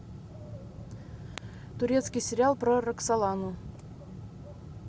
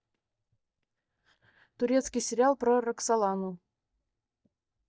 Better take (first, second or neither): first